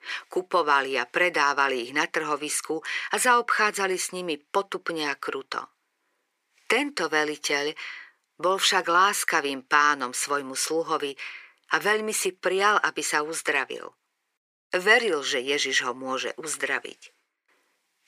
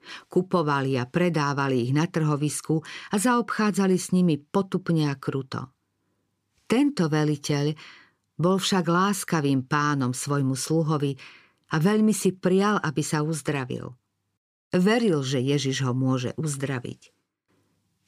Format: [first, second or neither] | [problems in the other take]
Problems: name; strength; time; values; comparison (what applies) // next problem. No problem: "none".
second | thin; very; fading below 450 Hz